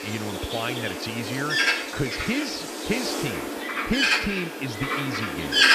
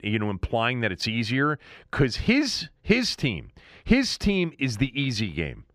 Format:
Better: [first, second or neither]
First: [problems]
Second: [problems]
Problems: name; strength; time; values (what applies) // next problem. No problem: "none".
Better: second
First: animal sounds; very loud; throughout; 4 dB above the speech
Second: none